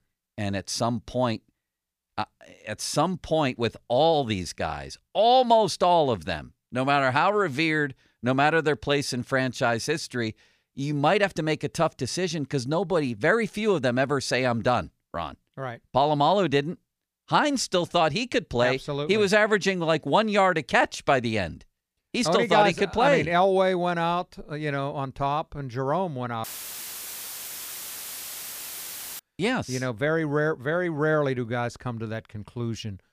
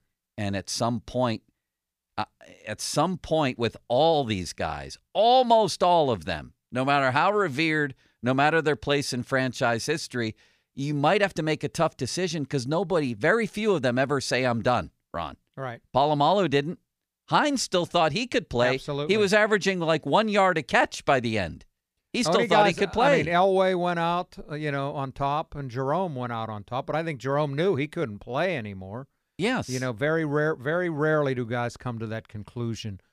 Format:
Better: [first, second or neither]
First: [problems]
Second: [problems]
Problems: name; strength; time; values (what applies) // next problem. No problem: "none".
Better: second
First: audio cutting out; filled with static; at 26 s for 3 s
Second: none